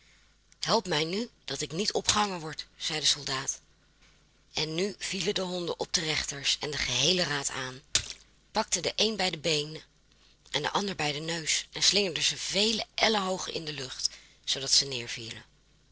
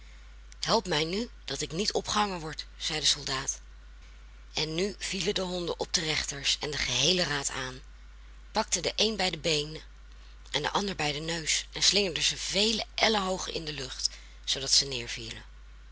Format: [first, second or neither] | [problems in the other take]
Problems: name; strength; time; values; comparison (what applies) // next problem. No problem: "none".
second | noise reduction (neural separator model SepFormer DNS4)